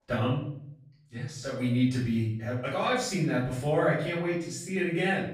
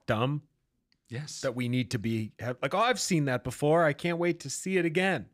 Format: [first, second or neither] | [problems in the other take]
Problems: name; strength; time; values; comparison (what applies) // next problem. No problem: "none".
second | off-mic speech; far // room echo; noticeable; dies away in 0.6 s